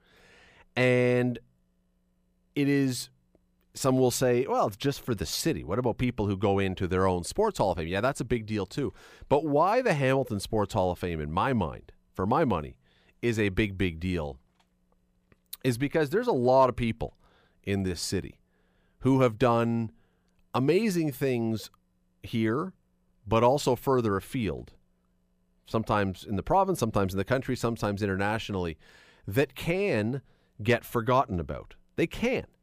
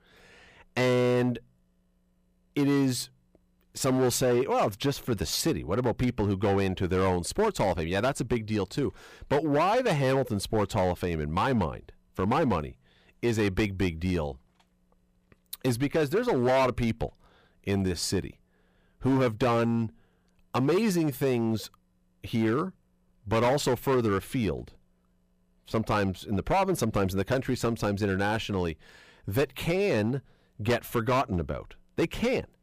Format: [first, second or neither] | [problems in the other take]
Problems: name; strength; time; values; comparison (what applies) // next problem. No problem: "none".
first | distortion; slight; 8% of the sound clipped